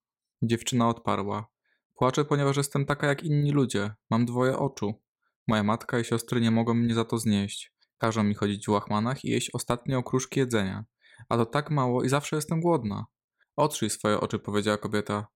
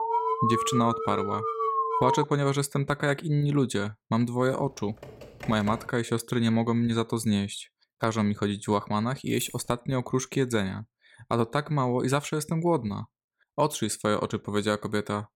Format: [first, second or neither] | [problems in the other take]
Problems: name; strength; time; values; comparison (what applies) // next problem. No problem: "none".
first | alarm; loud; until 2 s; peak 2 dB above the speech // keyboard typing; faint; from 4.5 to 6 s; peak 10 dB below the speech // jangling keys; faint; at 9.5 s; peak 10 dB below the speech